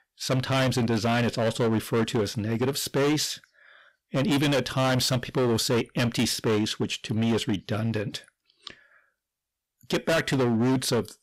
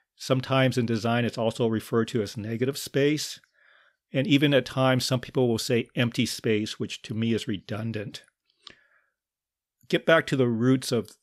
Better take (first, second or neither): second